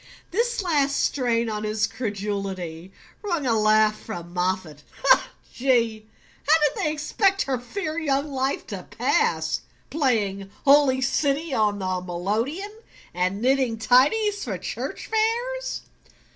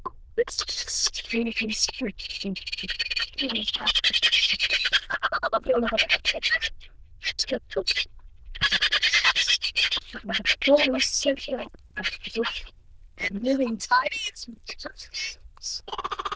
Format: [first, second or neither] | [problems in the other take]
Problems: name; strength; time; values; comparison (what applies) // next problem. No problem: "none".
first | noise reduction (neural diffusion model UNIVERSE++)